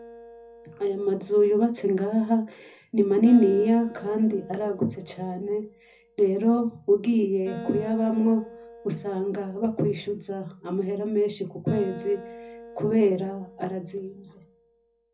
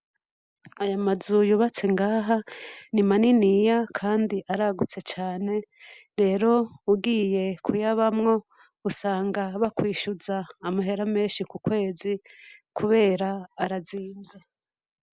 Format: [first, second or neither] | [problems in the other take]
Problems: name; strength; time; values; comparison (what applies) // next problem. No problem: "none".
second | background sound (Acoustic guitar); 19 dB below the speech // room echo; dies away in 0.4 s